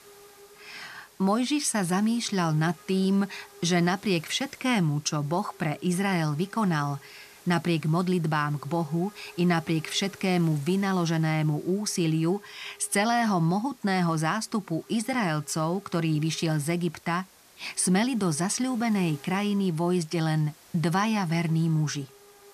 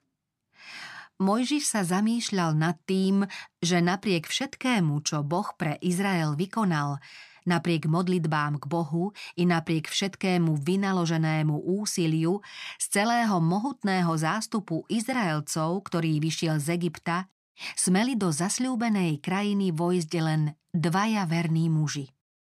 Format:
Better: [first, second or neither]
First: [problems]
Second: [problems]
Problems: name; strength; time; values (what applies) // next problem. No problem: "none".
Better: second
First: hiss; faint; throughout; 25 dB below the speech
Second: none